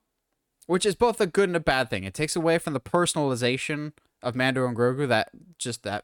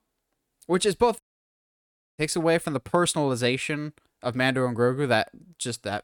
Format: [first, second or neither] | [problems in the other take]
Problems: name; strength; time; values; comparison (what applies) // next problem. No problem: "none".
first | audio cutting out; at 1 s for 1 s